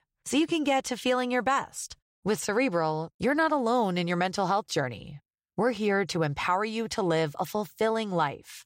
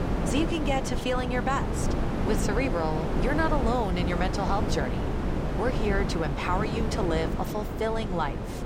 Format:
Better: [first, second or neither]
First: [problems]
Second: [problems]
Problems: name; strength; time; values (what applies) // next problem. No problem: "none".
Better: first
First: none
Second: wind noise on the microphone; heavy; 4 dB below the speech